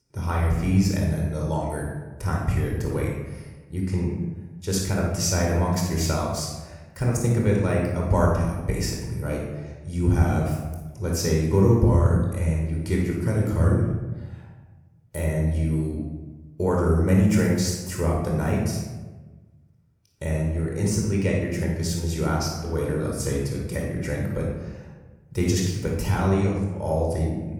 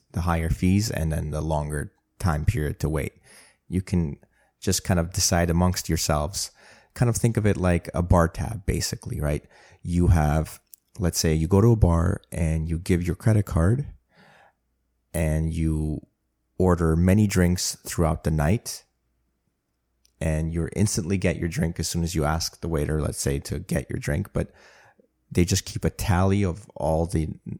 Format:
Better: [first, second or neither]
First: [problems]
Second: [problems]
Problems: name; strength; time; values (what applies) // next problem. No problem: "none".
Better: second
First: off-mic speech; somewhat distant // room echo; noticeable; dies away in 1 s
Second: none